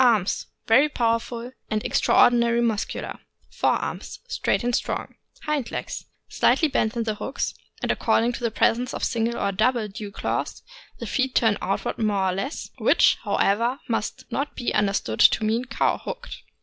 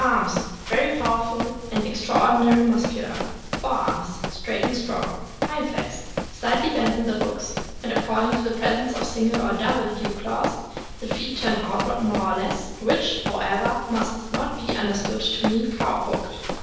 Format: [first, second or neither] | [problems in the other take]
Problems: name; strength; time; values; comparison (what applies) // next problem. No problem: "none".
first | background sound (Run); 6 dB below the speech // room echo; dies away in 1.1 s